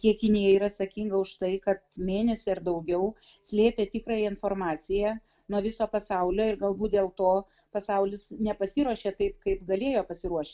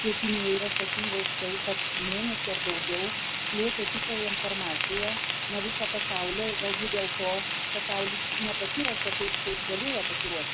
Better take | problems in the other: first | background sound (Frying (food)); 3 dB above the speech

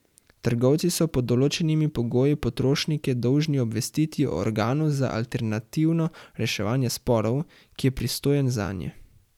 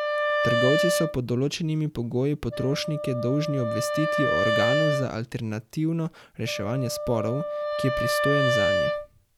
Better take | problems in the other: first | background sound (Wind instrument, woodwind instrument); as loud as the speech

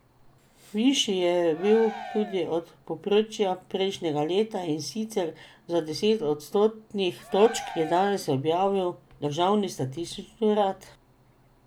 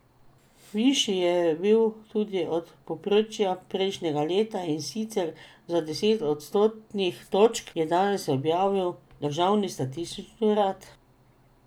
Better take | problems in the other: second | background sound (Cheering); 14 dB below the speech

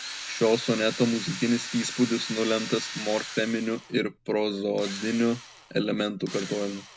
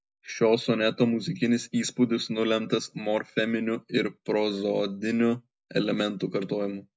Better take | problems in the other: second | background sound (Drill); 11 dB below the speech

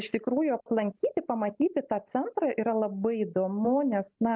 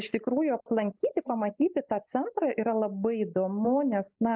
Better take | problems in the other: first | noise reduction (neural mask model Resemble Enhance denoiser)

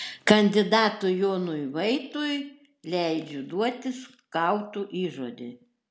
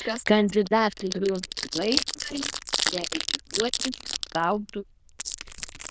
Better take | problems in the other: first | noise reduction (neural diffusion model UNIVERSE++)

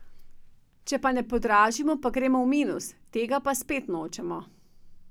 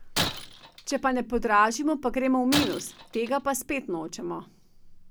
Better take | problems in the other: first | background sound (Shatter); 9 dB below the speech

